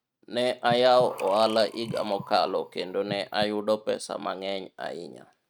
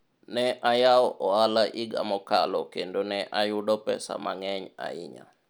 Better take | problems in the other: second | noise reduction (neural mask model RNNoise)

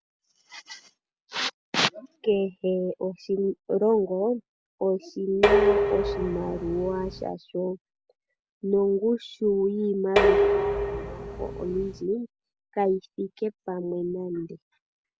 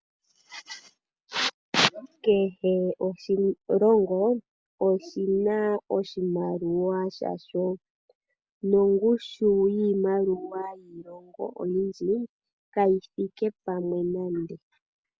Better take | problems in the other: second | background sound (Dishes, pots, and pans); 2 dB above the speech

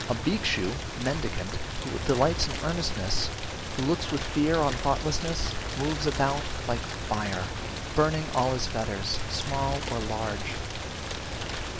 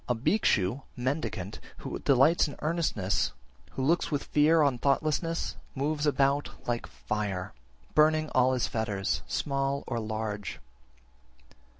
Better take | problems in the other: second | background sound (Rain); 4 dB below the speech

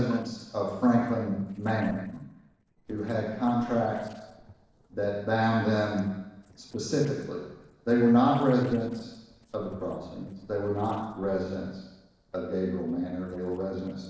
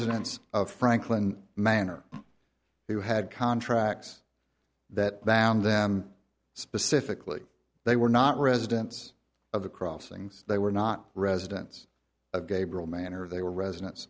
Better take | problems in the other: second | noise reduction (neural separator model SepFormer DNS4)

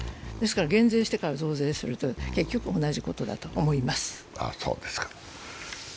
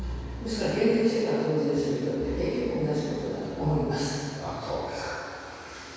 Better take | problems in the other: first | room echo; dies away in 2.2 s

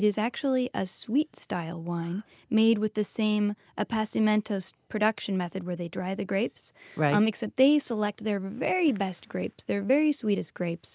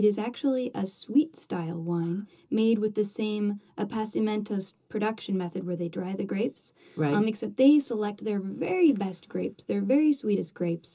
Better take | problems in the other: first | room echo; dies away in 0.2 s

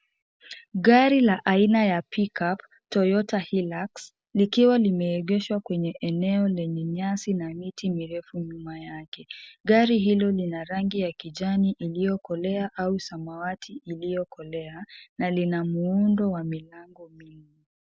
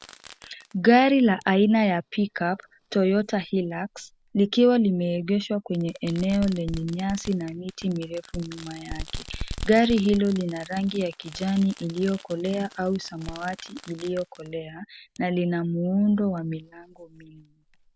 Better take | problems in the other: first | background sound (Fireworks); 17 dB below the speech

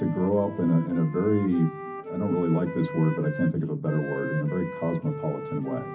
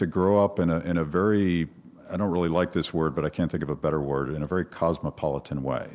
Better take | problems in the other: second | background sound (Wind instrument, woodwind instrument); 11 dB below the speech // room echo; dies away in 0.4 s

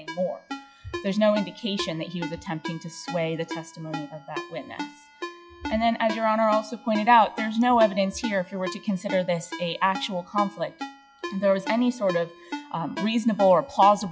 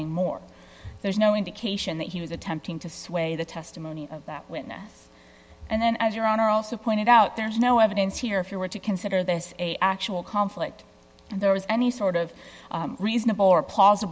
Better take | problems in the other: second | noise reduction (classical method log-MMSE)

